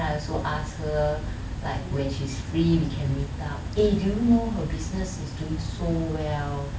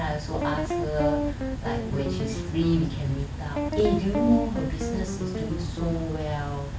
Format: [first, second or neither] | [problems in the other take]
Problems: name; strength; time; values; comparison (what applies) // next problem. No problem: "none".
first | background sound (Guitar); 3 dB below the speech